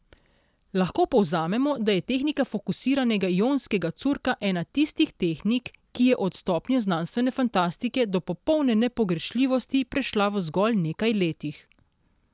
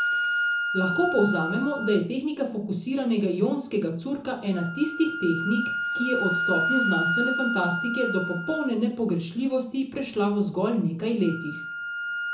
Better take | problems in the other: first | background sound (Wind instrument, woodwind instrument); 4 dB below the speech // room echo; dies away in 0.6 s

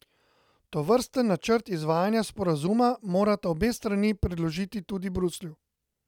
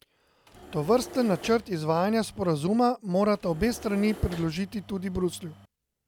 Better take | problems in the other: first | background sound (Engine / Mechanisms); 18 dB below the speech

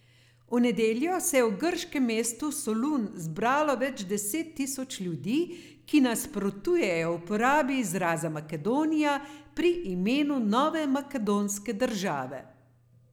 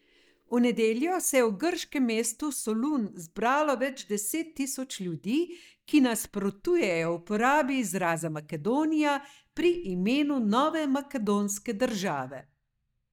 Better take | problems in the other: first | noise reduction (neural mask model DeepFilterNet 3)

